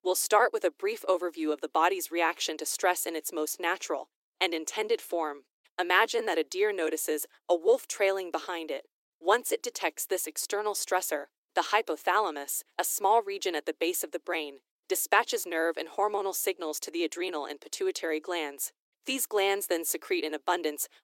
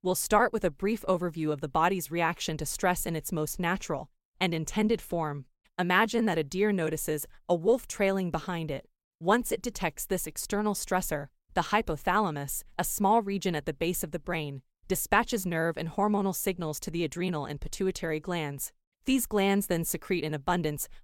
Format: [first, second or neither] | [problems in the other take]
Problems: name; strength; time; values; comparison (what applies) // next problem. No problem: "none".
second | thin; very; fading below 300 Hz